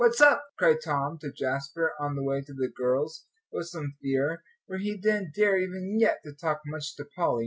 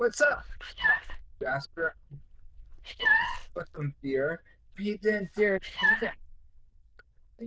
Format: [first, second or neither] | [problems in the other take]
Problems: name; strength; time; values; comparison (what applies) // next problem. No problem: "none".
first | noise reduction (neural diffusion model UNIVERSE++)